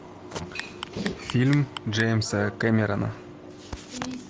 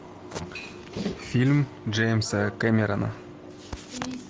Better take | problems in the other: second | background sound (Clock); 13 dB below the speech

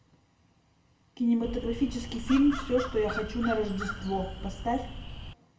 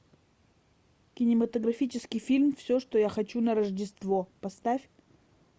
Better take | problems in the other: second | background sound (Crow); 7 dB below the speech // room echo; dies away in 0.7 s

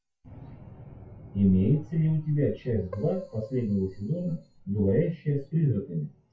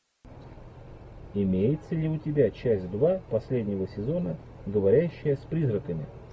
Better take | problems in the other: second | noise reduction (classical method WPE with log-MMSE)

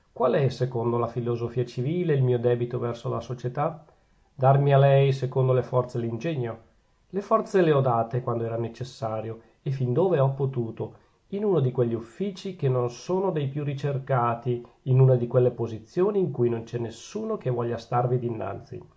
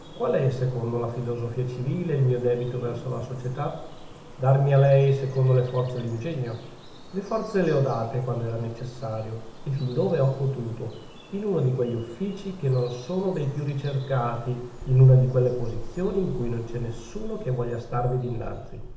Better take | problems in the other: first | background sound (Bird vocalization, bird call, bird song); 14 dB below the speech // room echo; dies away in 0.8 s

